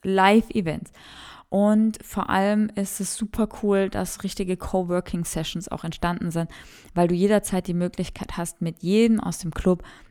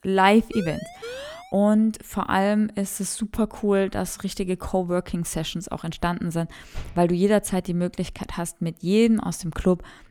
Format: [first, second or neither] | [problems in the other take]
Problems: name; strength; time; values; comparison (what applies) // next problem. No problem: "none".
first | siren; faint; from 0.5 to 1.5 s; peak 10 dB below the speech // door banging; faint; at 6.5 s; peak 15 dB below the speech